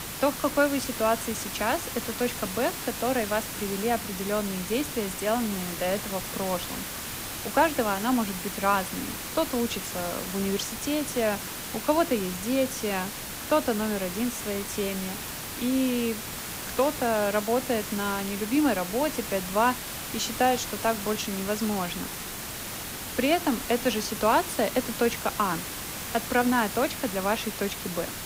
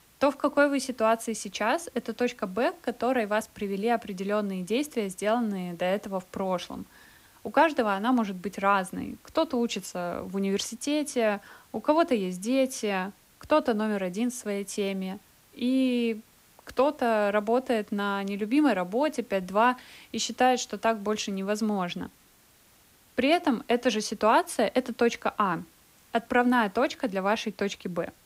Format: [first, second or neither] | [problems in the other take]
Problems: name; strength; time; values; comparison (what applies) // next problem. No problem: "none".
second | hiss; loud; throughout; 5 dB below the speech; faint in the second